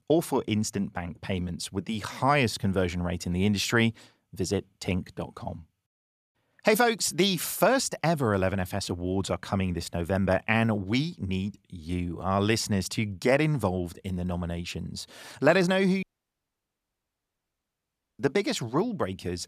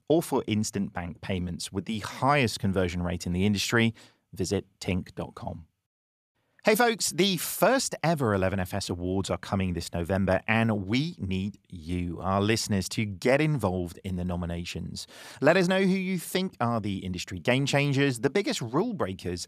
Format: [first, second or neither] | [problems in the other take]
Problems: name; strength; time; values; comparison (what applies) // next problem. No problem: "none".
second | audio cutting out; at 16 s for 2 s